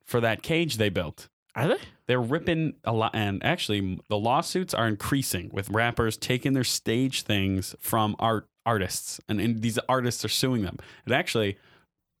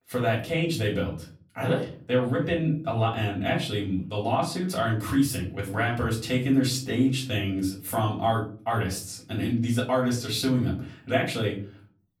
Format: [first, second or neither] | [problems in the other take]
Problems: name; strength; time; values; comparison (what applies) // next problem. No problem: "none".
first | off-mic speech; far // room echo; slight; dies away in 0.4 s